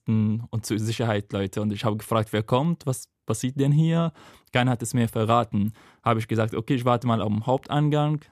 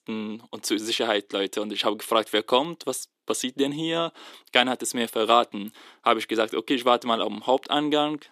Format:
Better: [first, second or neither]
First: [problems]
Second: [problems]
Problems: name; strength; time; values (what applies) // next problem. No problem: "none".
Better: first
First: none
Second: thin; somewhat; fading below 300 Hz